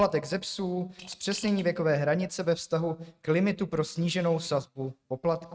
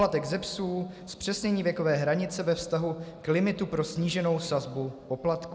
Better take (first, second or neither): second